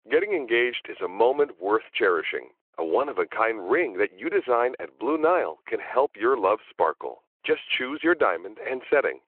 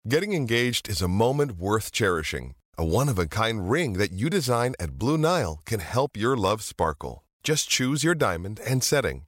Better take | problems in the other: second | phone-call audio

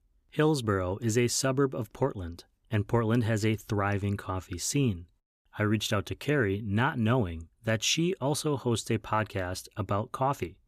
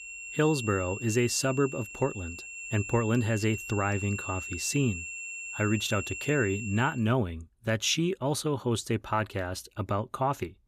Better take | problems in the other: first | high-pitched whine; loud; until 7 s; 2.5 kHz, 8 dB below the speech

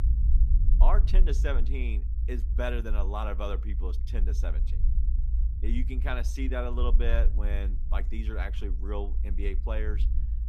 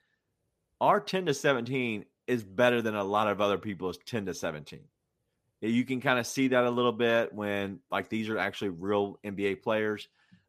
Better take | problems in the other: second | low rumble; noticeable; throughout; 15 dB below the speech

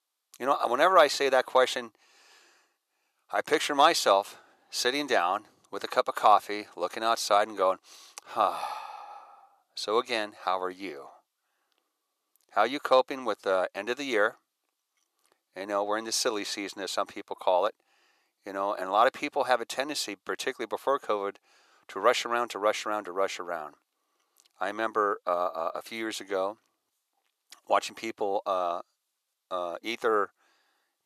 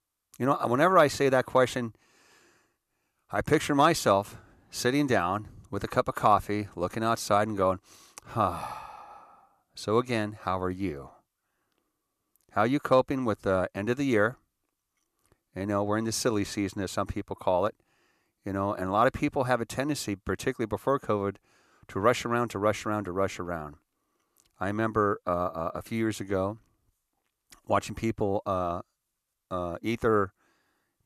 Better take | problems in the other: second | thin; somewhat; fading below 500 Hz

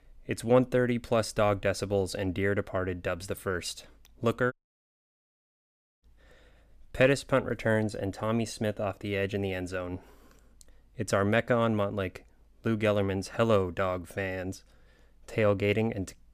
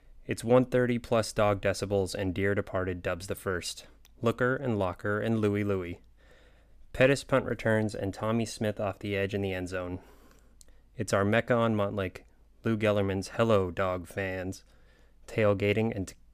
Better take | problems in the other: second | audio cutting out; at 4.5 s for 1.5 s

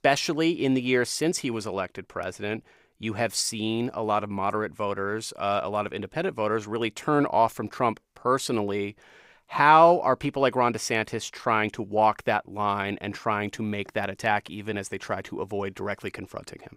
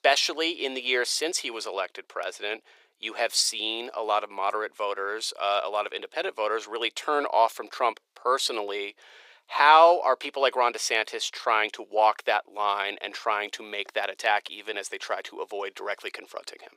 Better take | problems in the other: first | thin; very; fading below 450 Hz

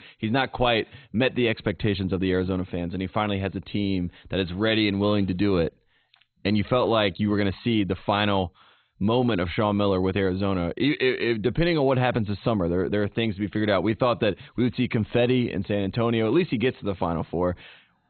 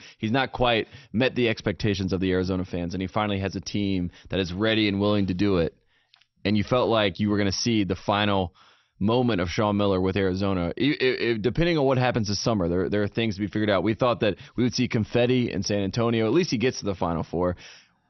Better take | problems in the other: second | garbled, watery; badly; nothing above 4 kHz; slightly in the second

